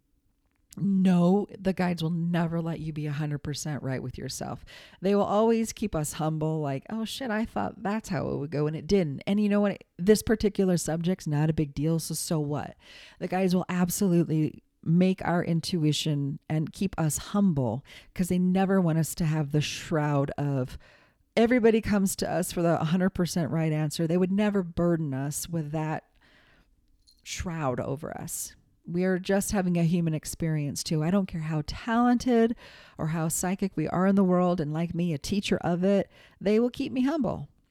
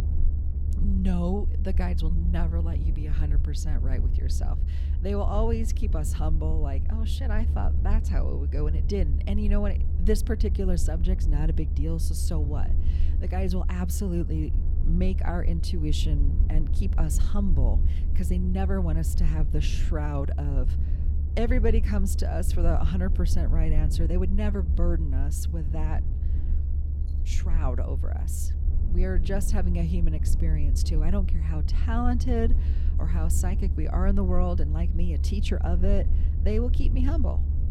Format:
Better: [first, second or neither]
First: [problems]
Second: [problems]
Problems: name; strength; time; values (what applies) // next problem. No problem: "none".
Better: first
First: none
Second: low rumble; loud; throughout; 9 dB below the speech